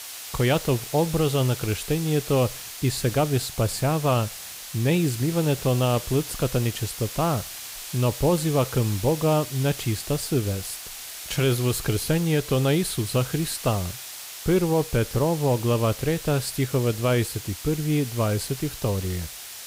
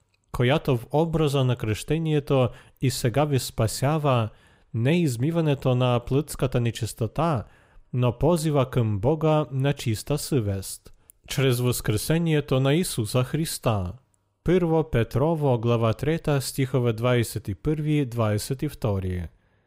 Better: second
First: hiss; noticeable; throughout; 10 dB below the speech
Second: none

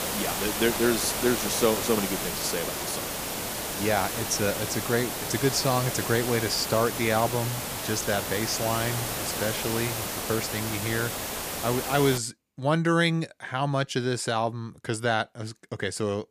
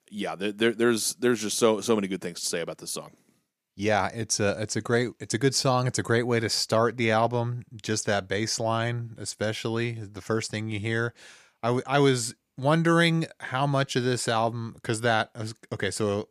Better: second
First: hiss; loud; until 12 s; 2 dB below the speech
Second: none

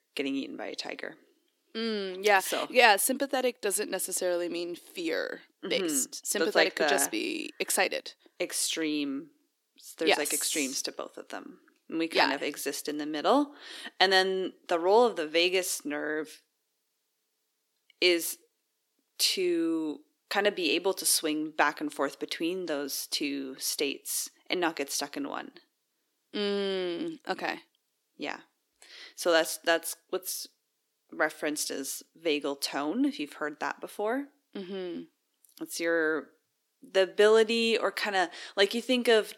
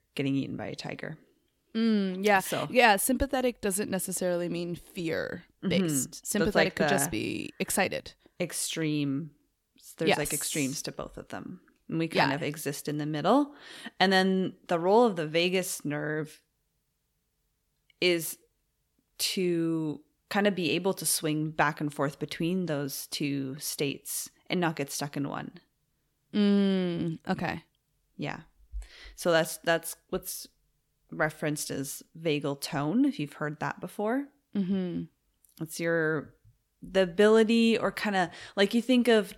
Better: second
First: thin; very slightly; fading below 300 Hz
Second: none

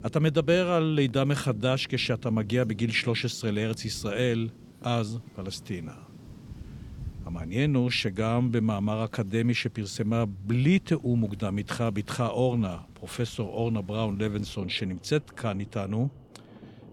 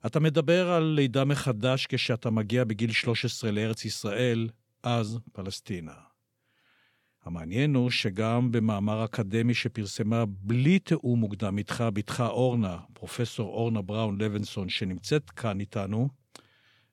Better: second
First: rain or running water; noticeable; throughout; 20 dB below the speech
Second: none

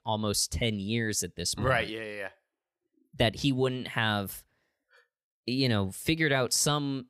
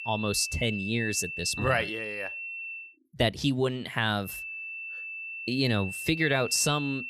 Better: first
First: none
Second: high-pitched whine; loud; until 3 s and from 4.5 s on; 2.5 kHz, 7 dB below the speech

